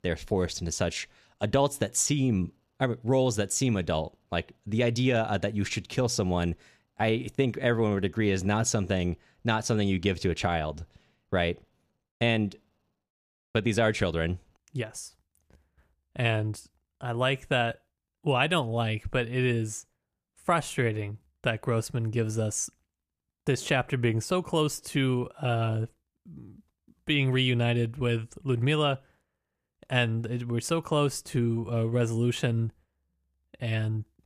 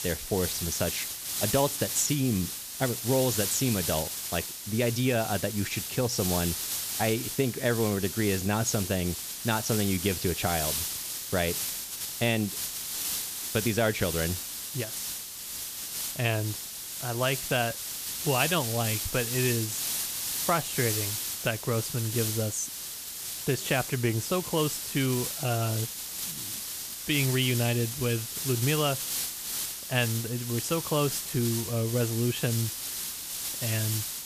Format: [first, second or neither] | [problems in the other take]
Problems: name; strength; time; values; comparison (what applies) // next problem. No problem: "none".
first | hiss; loud; throughout; 2 dB below the speech